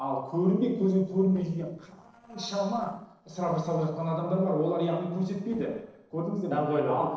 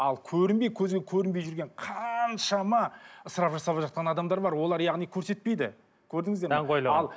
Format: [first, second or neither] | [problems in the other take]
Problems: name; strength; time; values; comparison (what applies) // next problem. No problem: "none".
second | noise reduction (neural separator model SepFormer DNS4)